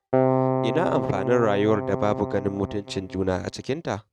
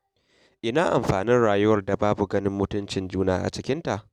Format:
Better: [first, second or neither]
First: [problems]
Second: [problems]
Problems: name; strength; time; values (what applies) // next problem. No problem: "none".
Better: second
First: noise reduction (neural mask model RNNoise)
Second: none